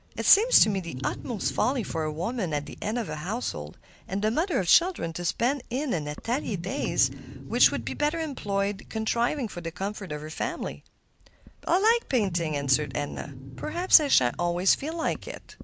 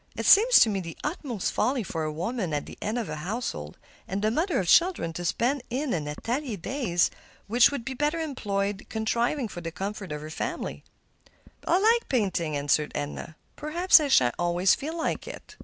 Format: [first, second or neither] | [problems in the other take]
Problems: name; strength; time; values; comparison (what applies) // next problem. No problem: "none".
second | background sound (Wild animals); 13 dB below the speech